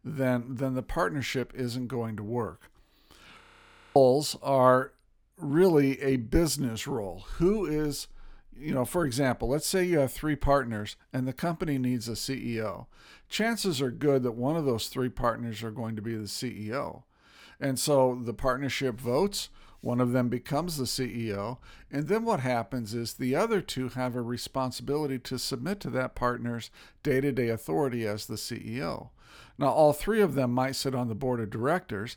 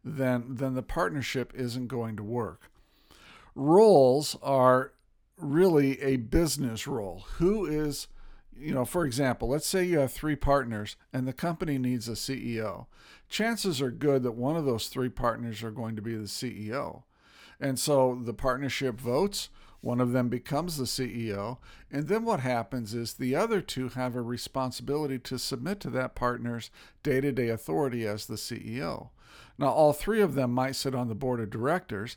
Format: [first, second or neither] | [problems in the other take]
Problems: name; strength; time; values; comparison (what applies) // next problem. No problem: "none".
second | audio freezing; at 3.5 s for 0.5 s